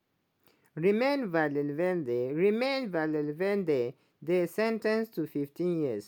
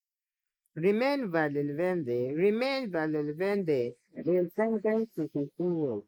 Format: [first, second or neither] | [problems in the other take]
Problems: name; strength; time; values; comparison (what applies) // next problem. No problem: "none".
first | noise reduction (neural mask model Resemble Enhance denoiser)